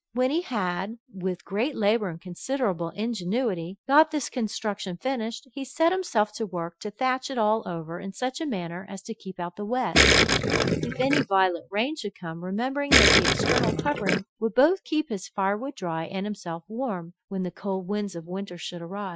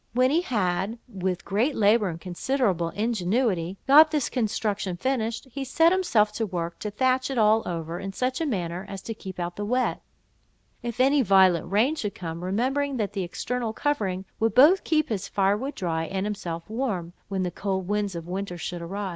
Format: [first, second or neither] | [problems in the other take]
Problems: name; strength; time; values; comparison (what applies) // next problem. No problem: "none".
second | noise reduction (classical method Wiener filter)